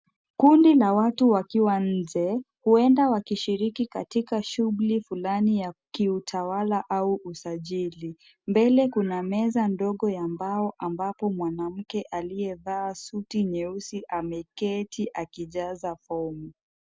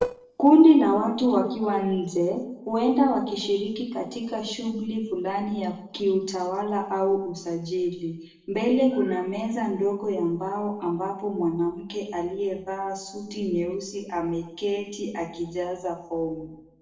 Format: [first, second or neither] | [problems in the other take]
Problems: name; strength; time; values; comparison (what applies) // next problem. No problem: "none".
first | noise reduction (neural separator model SepFormer DNS4)